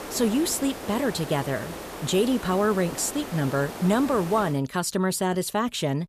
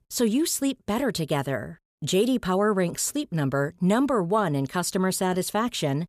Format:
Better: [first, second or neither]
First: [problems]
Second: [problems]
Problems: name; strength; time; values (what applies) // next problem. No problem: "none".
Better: second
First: hiss; noticeable; until 4.5 s; 10 dB below the speech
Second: none